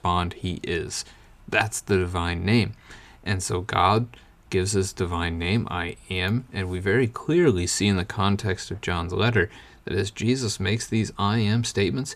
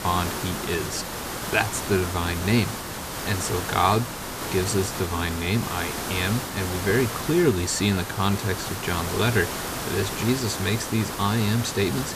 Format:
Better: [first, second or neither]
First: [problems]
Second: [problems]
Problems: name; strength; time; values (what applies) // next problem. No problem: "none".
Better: first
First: none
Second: hiss; loud; throughout; 5 dB below the speech